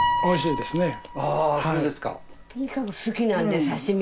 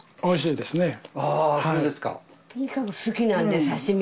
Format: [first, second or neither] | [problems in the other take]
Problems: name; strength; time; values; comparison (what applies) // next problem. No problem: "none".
second | background sound (Piano); 6 dB below the speech